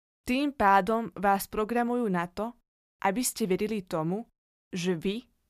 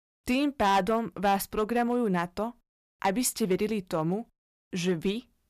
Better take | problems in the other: first | distortion; slight; 3% of the sound clipped

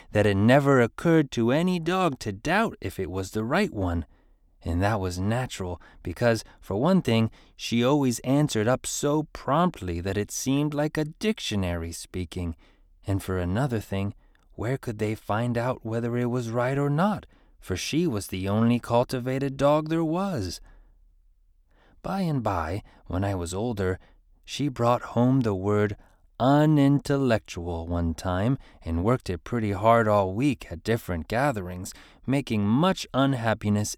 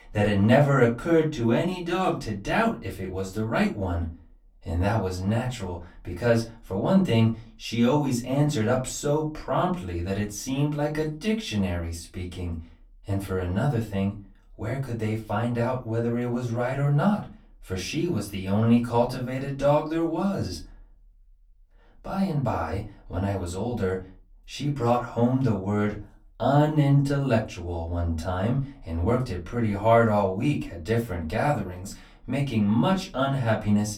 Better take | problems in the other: first | off-mic speech; far // room echo; very slight; dies away in 0.2 s

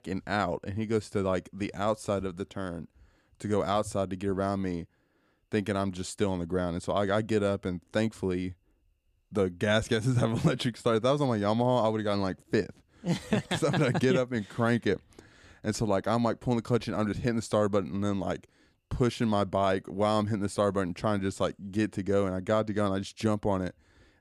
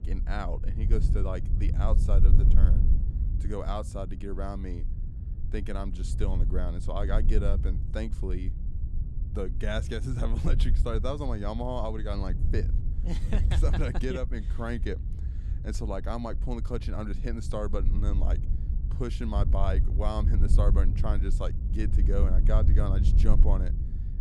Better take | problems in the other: first | wind noise on the microphone; heavy; 9 dB below the speech

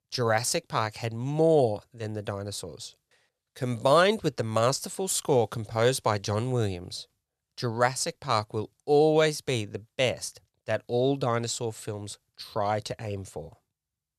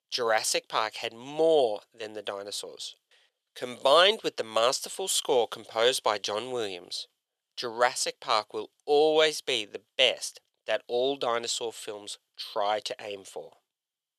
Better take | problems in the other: first | thin; very; fading below 450 Hz

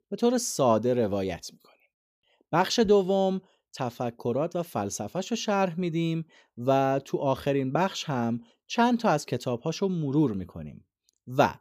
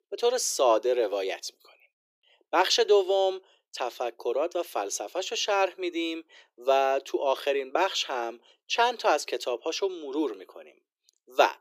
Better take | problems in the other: first | thin; very; fading below 350 Hz

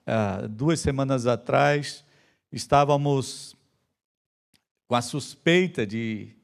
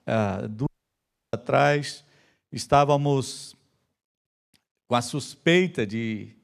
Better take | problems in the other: first | audio cutting out; at 0.5 s for 0.5 s

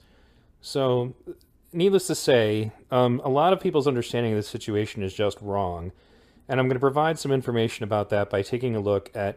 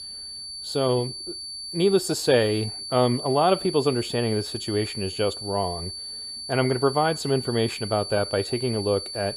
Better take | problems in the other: first | high-pitched whine; loud; throughout; 4.5 kHz, 8 dB below the speech

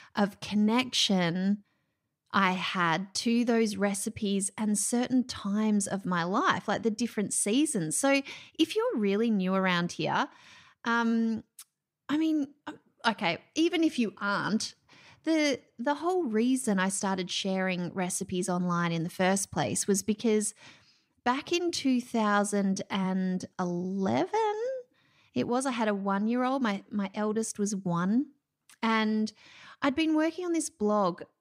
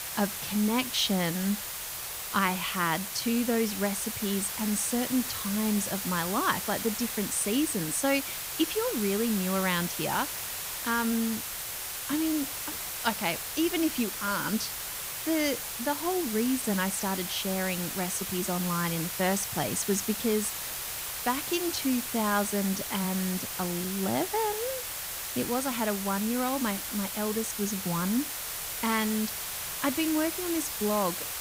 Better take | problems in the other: first | hiss; loud; throughout; 3 dB below the speech

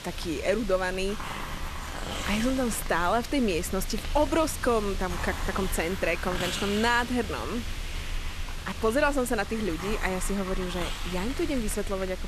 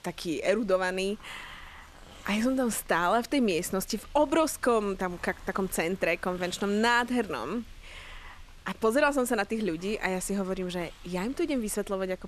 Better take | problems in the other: second | hiss; loud; throughout; 7 dB below the speech; faint in the second

